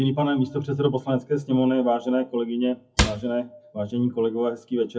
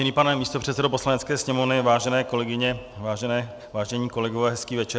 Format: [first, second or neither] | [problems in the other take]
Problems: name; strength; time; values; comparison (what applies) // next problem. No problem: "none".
second | noise reduction (classical method WPE with log-MMSE)